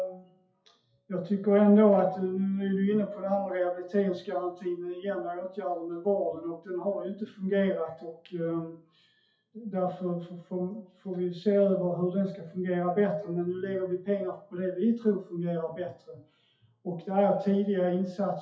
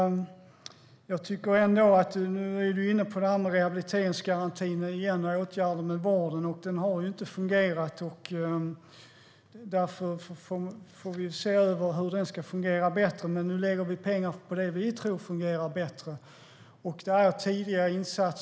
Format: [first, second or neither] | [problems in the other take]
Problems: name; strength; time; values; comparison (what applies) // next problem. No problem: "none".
second | noise reduction (classical method WPE with log-MMSE)